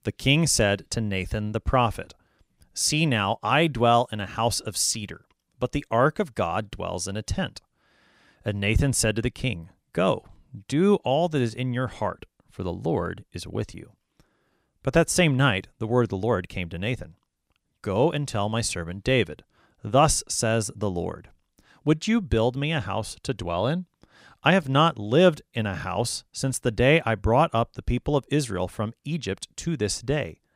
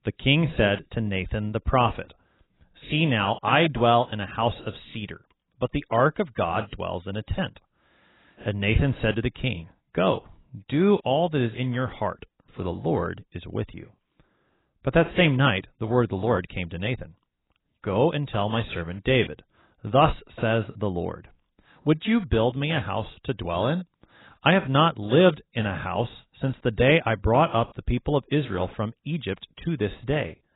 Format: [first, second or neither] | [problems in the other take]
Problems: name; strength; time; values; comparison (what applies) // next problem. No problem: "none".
first | garbled, watery; badly; nothing above 3.5 kHz